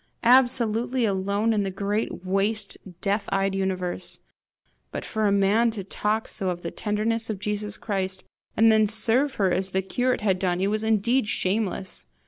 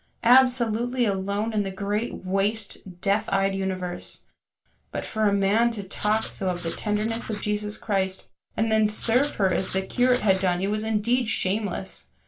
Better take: first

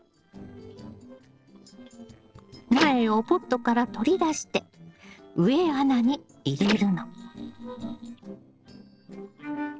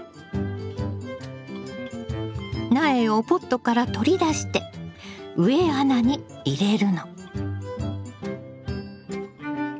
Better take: second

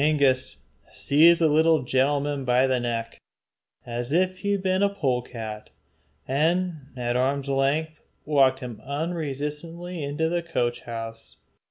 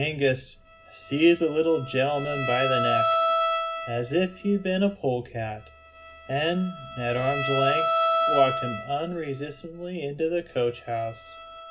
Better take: first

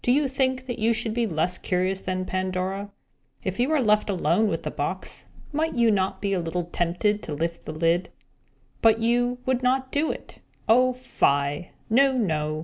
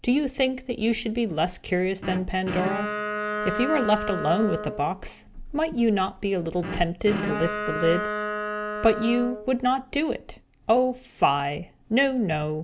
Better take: first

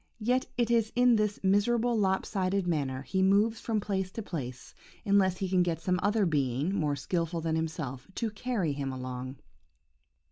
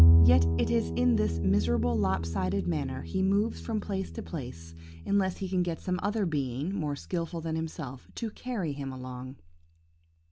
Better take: first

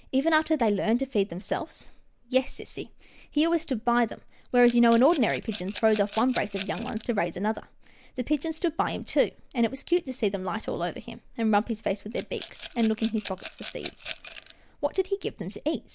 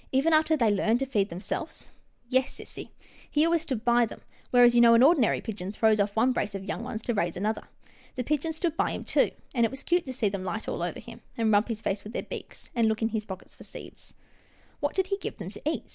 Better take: second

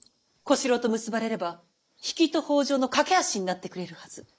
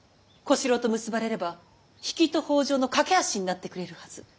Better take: second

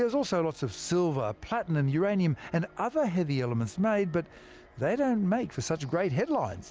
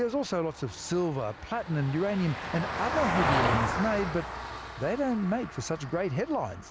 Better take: first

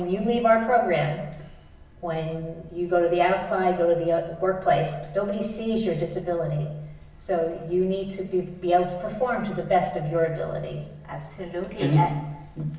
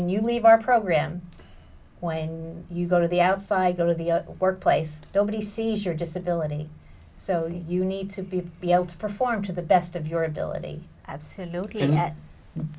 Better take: second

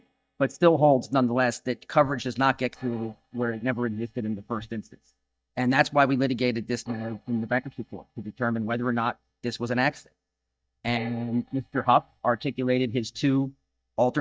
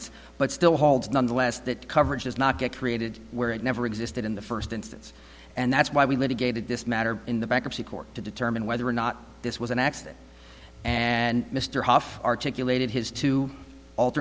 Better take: second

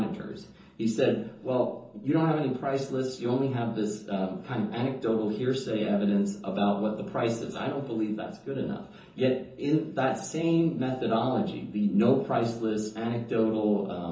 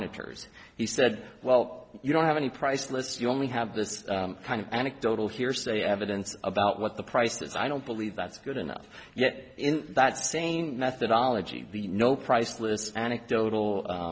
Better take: second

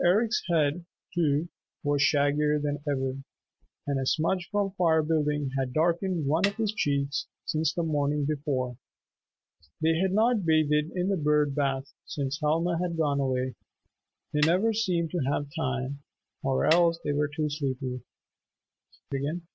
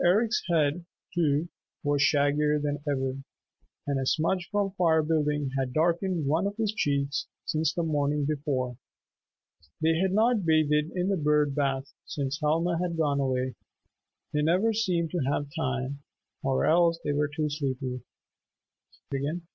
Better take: second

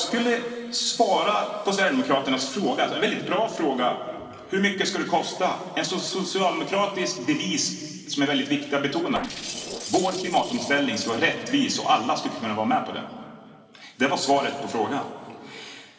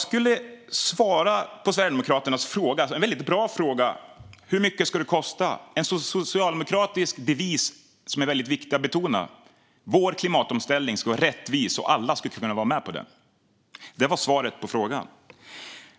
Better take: second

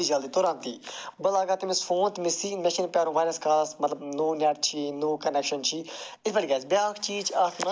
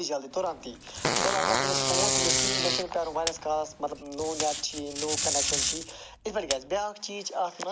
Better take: first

